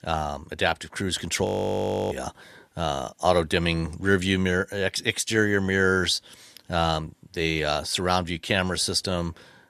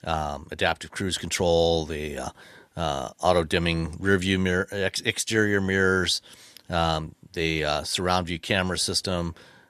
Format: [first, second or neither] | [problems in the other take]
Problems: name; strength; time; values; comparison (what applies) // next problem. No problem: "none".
second | audio freezing; at 1.5 s for 0.5 s